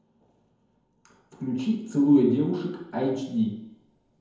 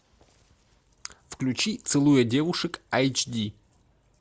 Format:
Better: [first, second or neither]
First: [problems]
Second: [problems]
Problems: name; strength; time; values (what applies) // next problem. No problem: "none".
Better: second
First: room echo; dies away in 0.9 s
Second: none